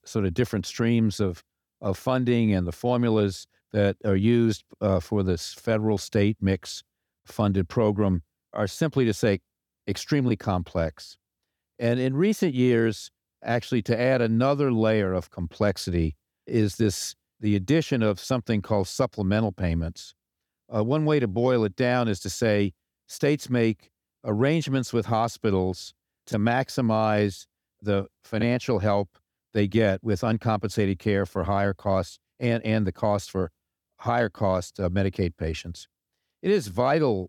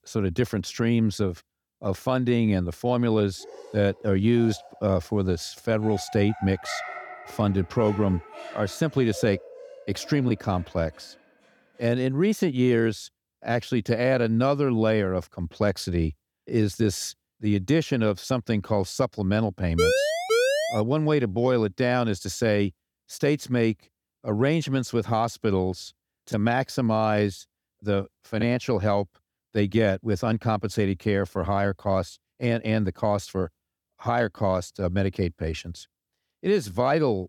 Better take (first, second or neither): first